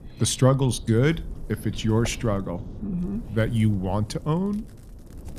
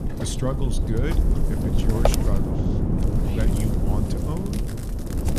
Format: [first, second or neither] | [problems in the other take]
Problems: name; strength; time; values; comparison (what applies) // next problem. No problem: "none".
first | wind noise on the microphone; heavy; 3 dB above the speech; occasional gusts in the first